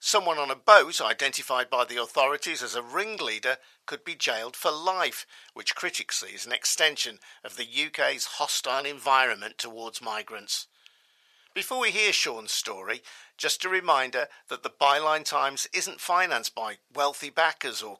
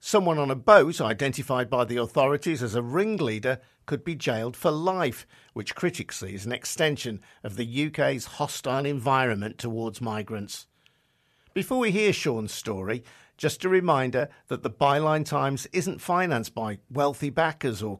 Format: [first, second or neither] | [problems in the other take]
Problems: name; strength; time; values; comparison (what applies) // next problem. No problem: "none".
second | thin; very; fading below 800 Hz